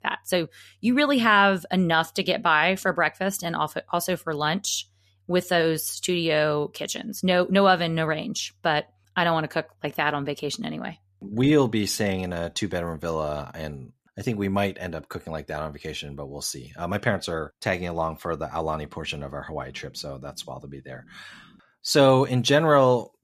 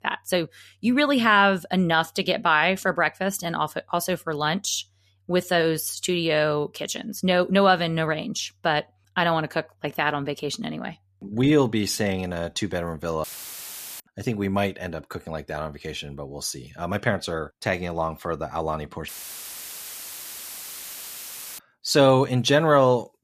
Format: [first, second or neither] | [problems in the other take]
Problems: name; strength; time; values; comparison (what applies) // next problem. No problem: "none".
first | audio cutting out; filled with static; at 13 s for 1 s and at 19 s for 2.5 s